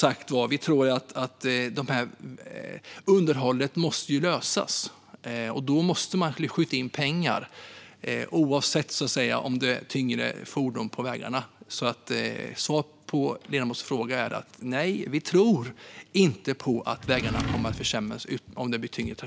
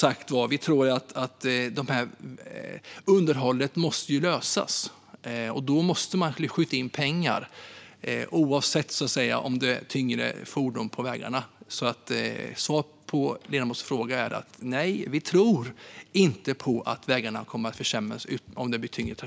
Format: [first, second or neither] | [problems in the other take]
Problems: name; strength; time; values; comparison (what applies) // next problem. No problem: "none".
second | background sound (Drawer open or close); 5 dB below the speech